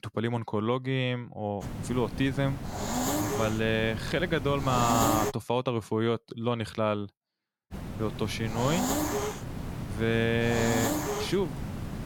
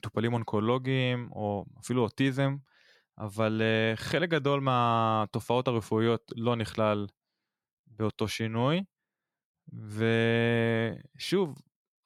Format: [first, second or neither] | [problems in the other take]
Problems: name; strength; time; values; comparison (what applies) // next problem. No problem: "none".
second | hiss; loud; from 1.5 to 5.5 s and from 7.5 s on; 3 dB below the speech